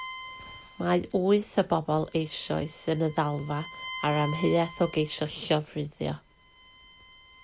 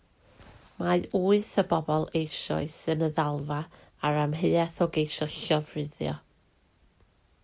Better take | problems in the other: second | background sound (Bowed string instrument); 15 dB below the speech

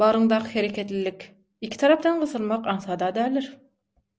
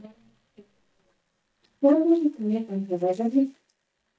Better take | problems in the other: first | noise reduction (neural mask model DeepFilterNet 3)

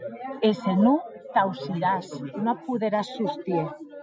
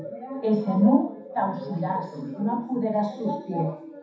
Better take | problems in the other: first | room echo; dies away in 0.7 s

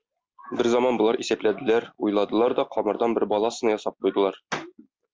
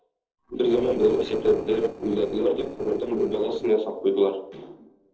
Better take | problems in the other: first | noise reduction (neural separator model SepFormer DNS4)

